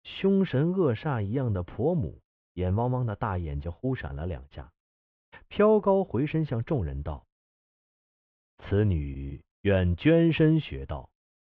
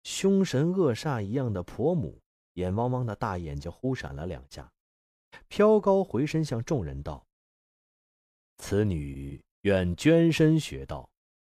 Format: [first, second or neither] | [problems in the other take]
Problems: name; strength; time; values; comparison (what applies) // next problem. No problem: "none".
second | muffled; very; fading above 3 kHz